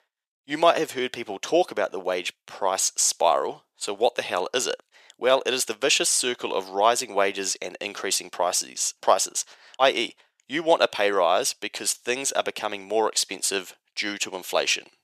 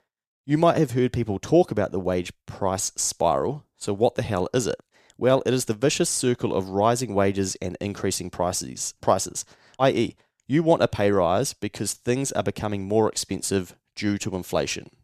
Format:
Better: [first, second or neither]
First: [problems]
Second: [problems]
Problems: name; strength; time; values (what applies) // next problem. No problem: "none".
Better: second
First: thin; very; fading below 600 Hz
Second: none